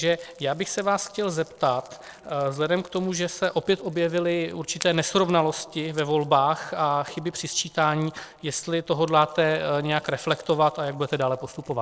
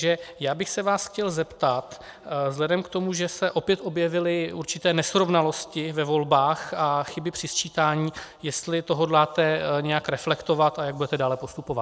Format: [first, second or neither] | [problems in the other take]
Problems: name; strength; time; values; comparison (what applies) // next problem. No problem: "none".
second | noise reduction (neural separator model SepFormer DNS4)